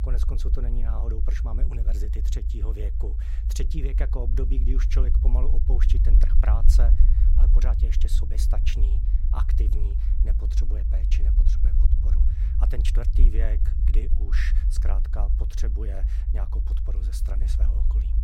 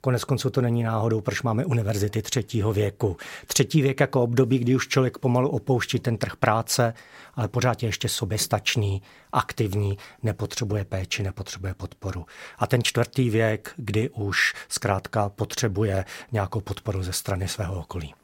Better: second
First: low rumble; loud; throughout; 4 dB below the speech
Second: none

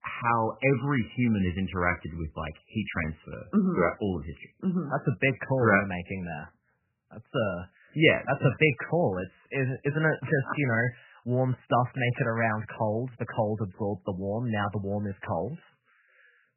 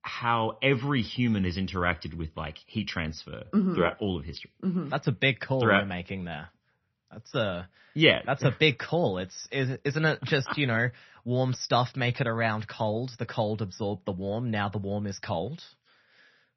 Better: second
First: garbled, watery; badly; nothing above 3 kHz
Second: garbled, watery; slightly; nothing above 6 kHz

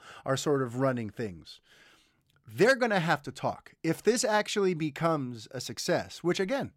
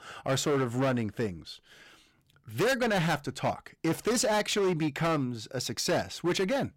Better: first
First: none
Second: distortion; heavy; 13% of the sound clipped

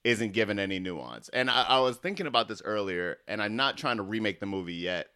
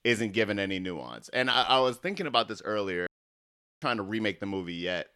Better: first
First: none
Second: audio cutting out; at 3 s for 1 s

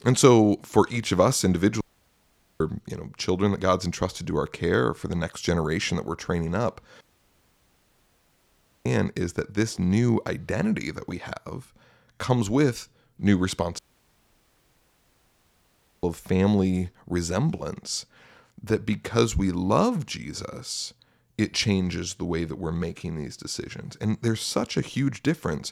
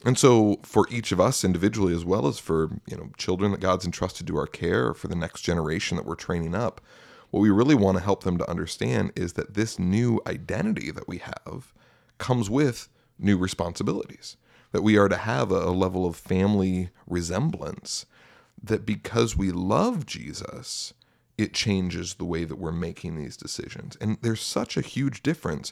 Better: second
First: audio cutting out; at 2 s for 1 s, at 7 s for 2 s and at 14 s for 2 s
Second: none

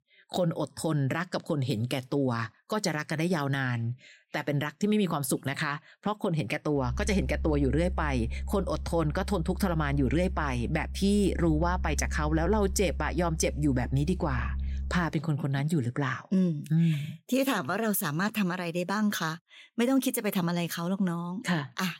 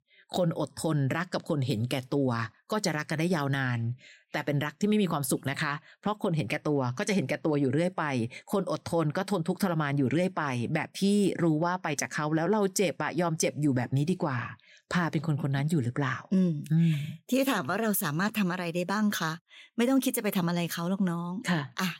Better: second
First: low rumble; faint; from 7 to 15 s; 25 dB below the speech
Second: none

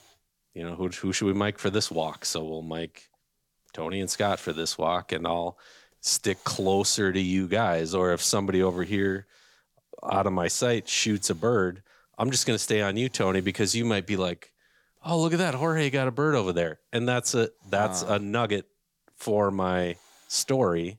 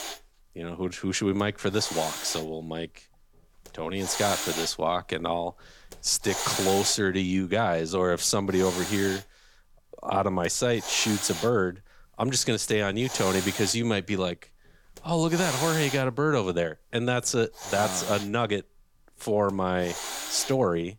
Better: first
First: hiss; faint; throughout; 30 dB below the speech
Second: hiss; loud; throughout; 6 dB below the speech

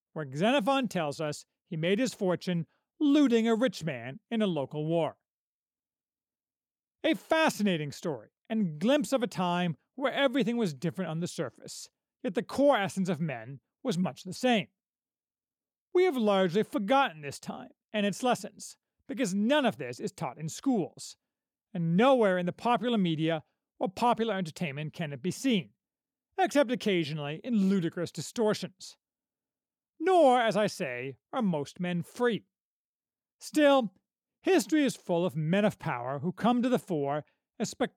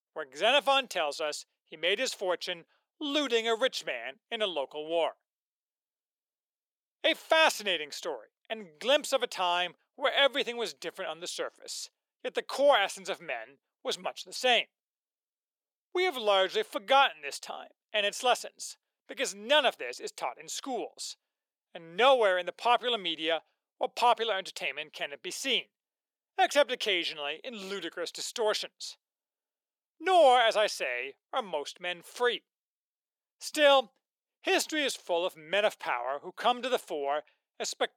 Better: first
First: none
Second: thin; very; fading below 500 Hz

